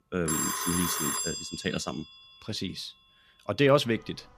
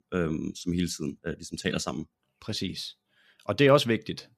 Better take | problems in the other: second | alarms or sirens; loud; throughout; as loud as the speech

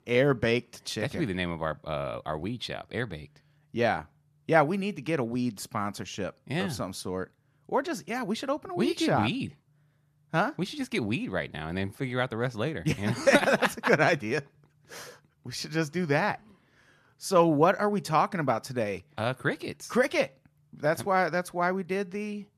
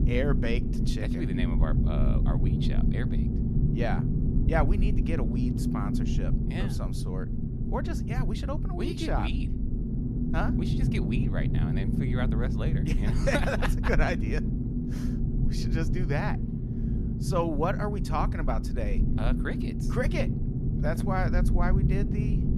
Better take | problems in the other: first | low rumble; loud; throughout; 4 dB below the speech

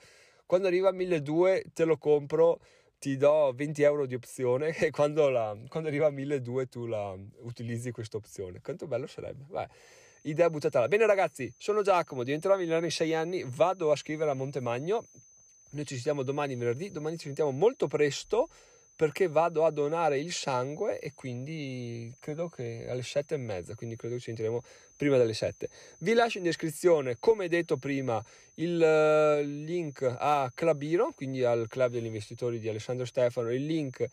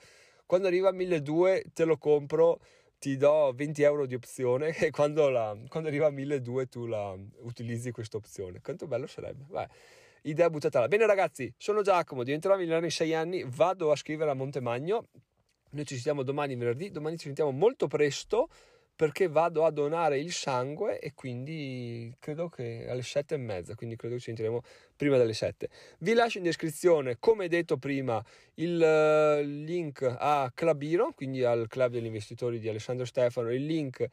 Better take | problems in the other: second | high-pitched whine; faint; from 10 s on; 6 kHz, 30 dB below the speech

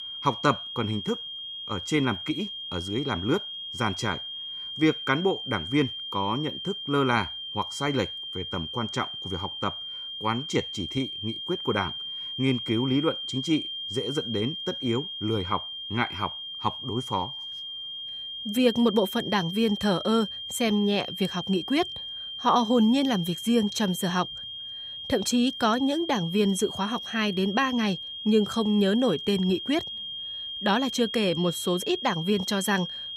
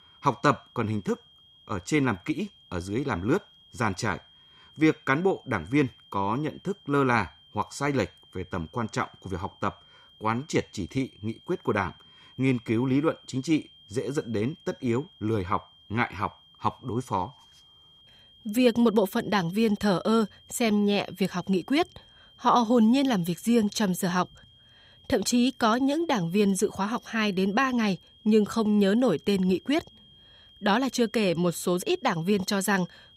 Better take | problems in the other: second | high-pitched whine; loud; throughout; 3 kHz, 6 dB below the speech; faint in the second

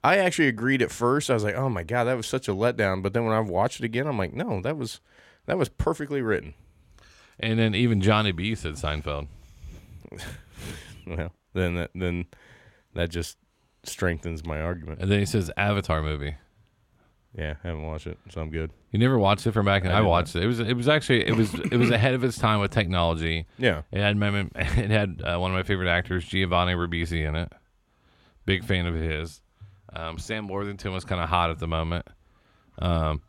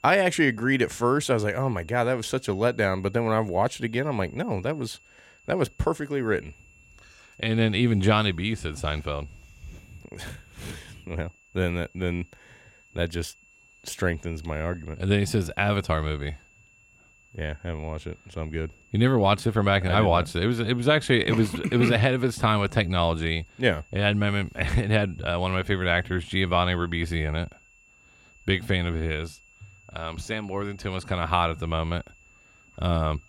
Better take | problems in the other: first | high-pitched whine; faint; throughout; 2.5 kHz, 30 dB below the speech

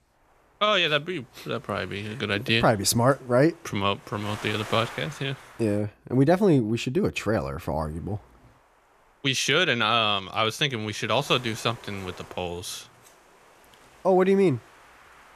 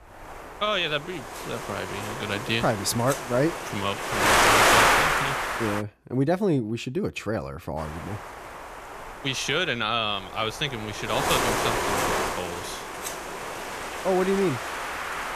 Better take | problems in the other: first | wind noise on the microphone; heavy; until 6 s and from 8 s on; 4 dB above the speech; occasional gusts in the first

